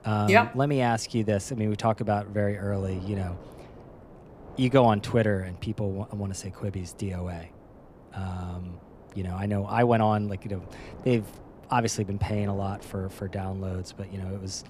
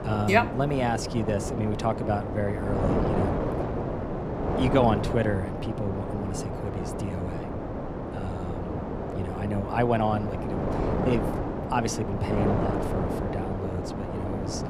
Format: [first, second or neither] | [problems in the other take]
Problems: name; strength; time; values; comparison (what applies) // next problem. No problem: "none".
first | wind noise on the microphone; heavy; 3 dB below the speech; occasional gusts in the first